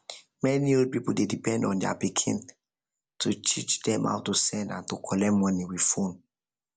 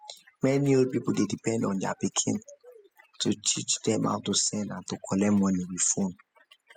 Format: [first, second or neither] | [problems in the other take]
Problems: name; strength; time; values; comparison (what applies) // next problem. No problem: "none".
first | noise reduction (classical method spectral subtraction)